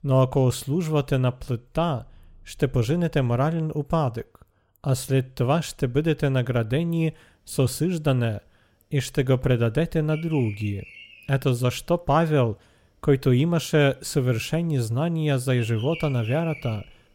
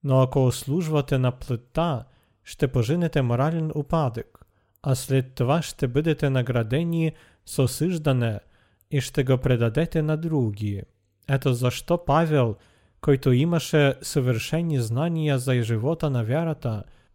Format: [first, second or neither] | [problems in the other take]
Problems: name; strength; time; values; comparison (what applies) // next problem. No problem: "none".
second | animal sounds; noticeable; throughout; 20 dB below the speech